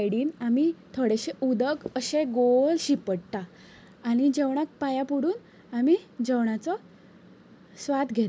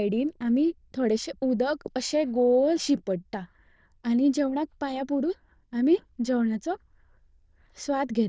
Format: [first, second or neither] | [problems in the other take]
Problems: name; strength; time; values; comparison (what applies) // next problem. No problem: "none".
first | noise reduction (neural diffusion model UNIVERSE++)